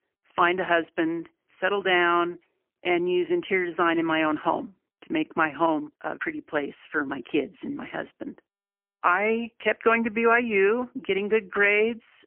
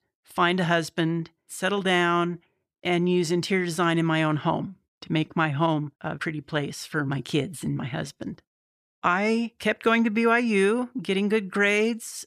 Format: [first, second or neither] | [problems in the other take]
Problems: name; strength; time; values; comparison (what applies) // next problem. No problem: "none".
second | phone-call audio; poor line; nothing above 3 kHz